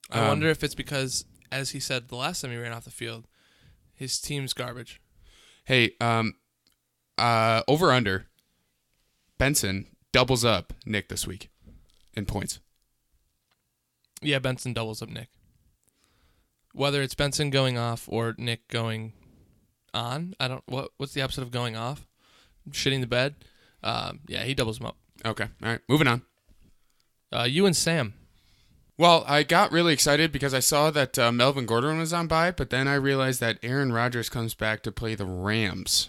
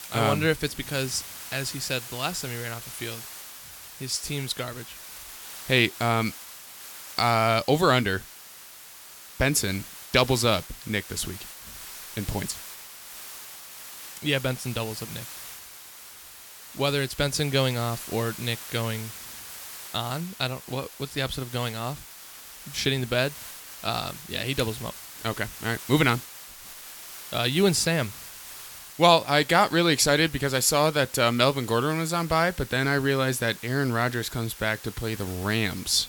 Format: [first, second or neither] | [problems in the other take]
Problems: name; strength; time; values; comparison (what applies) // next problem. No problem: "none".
first | hiss; noticeable; throughout; 15 dB below the speech